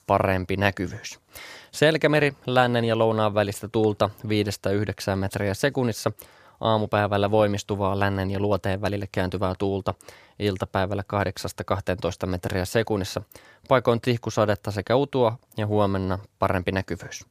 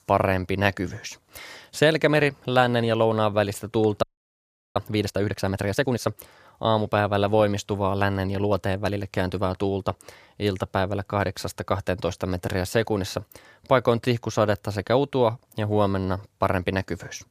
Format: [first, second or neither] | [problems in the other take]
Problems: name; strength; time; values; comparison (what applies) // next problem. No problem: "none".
first | audio freezing; at 4 s for 0.5 s